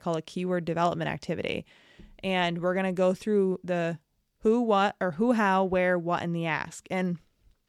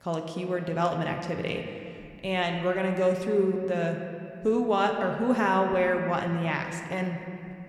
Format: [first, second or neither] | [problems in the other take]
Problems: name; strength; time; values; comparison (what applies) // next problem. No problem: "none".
first | room echo; slight; dies away in 2.2 s